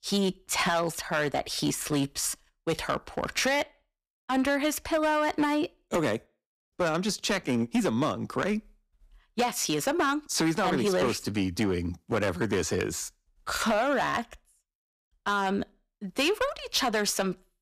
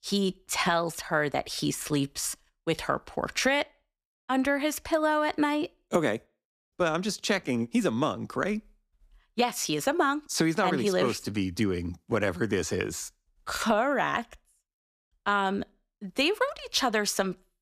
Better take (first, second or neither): second